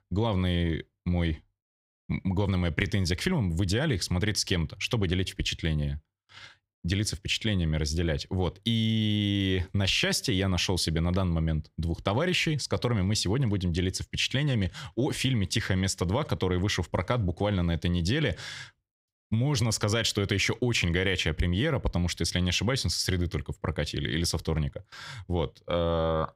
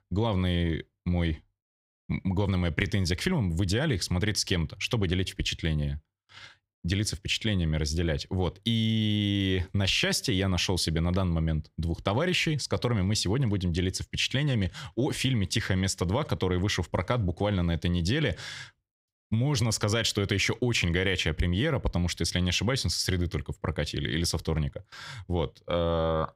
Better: neither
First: none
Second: none

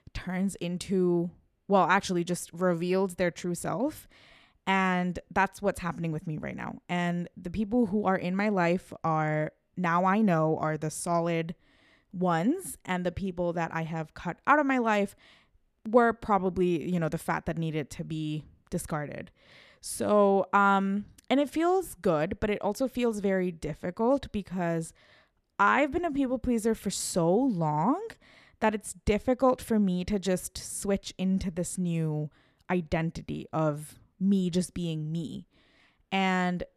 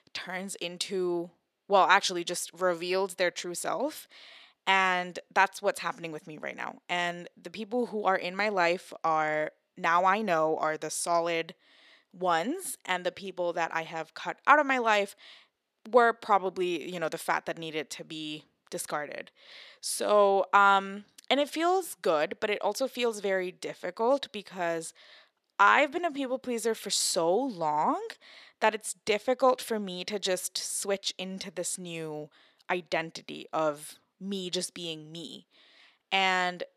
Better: first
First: none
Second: thin; somewhat; fading below 450 Hz

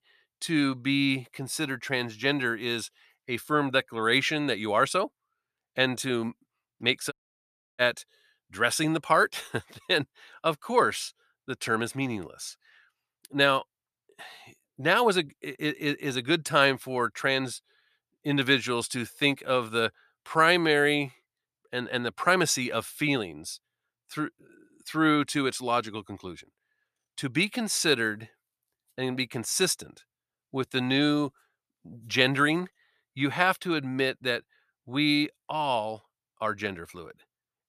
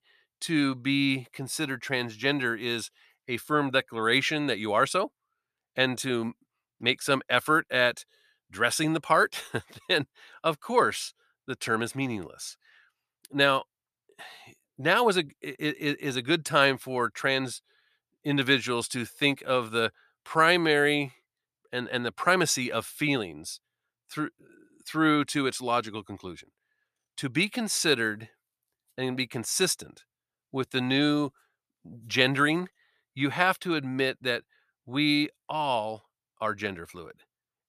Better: second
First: audio cutting out; at 7 s for 0.5 s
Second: none

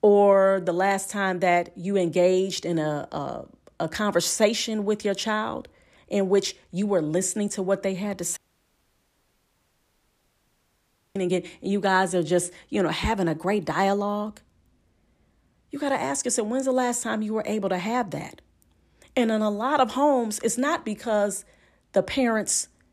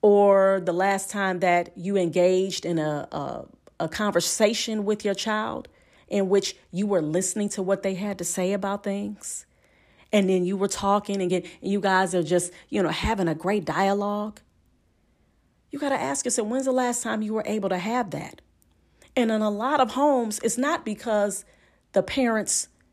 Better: second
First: audio cutting out; at 8.5 s for 3 s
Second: none

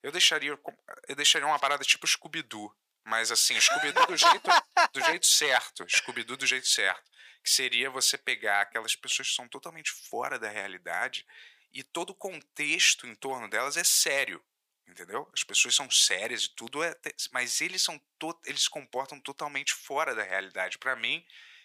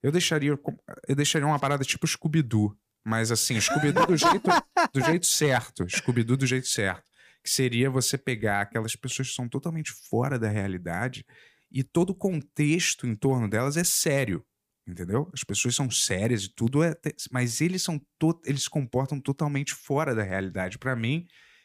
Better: second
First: thin; very; fading below 800 Hz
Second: none

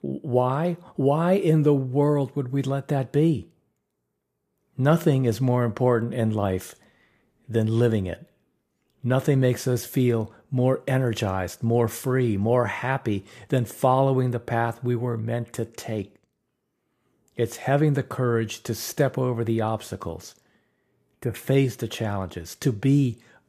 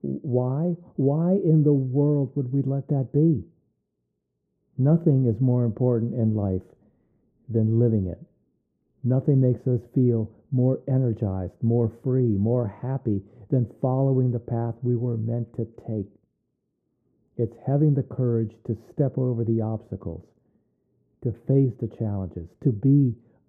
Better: first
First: none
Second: muffled; very; fading above 1 kHz

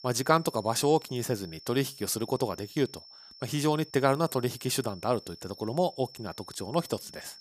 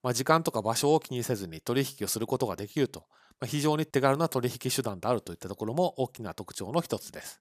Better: second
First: high-pitched whine; noticeable; throughout; 5.5 kHz, 20 dB below the speech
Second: none

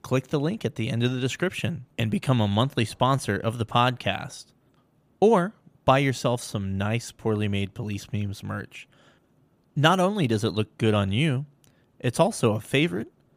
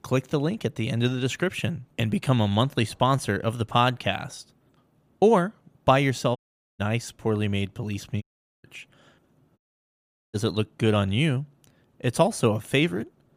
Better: first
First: none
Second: audio cutting out; at 6.5 s, at 8 s and at 9.5 s for 1 s

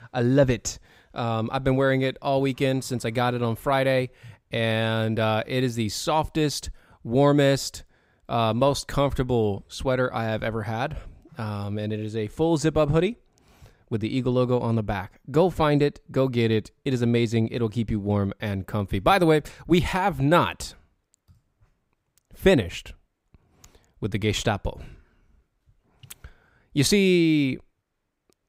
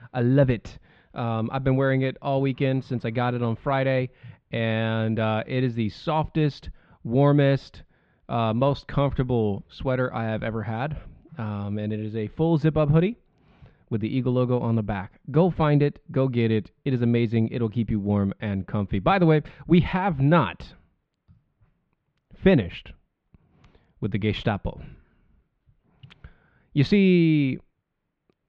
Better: first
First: none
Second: muffled; slightly; fading above 3.5 kHz

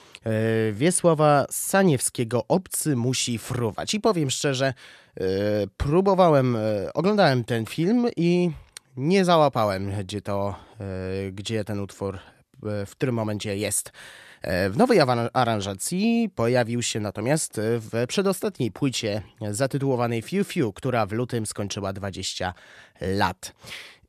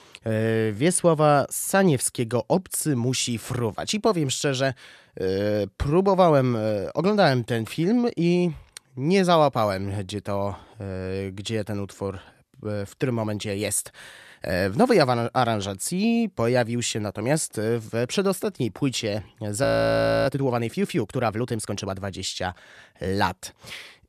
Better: first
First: none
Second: audio freezing; at 20 s for 0.5 s

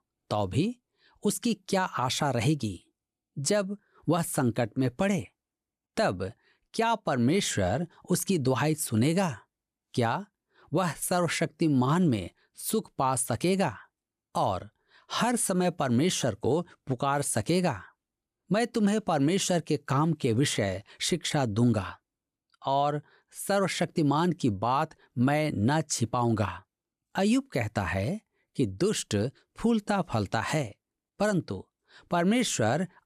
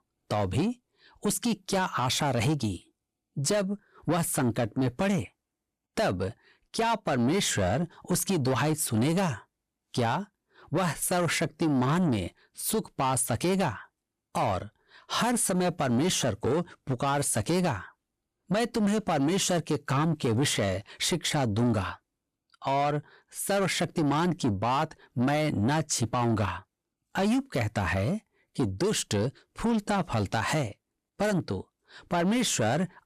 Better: first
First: none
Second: distortion; slight; 10 dB below the speech

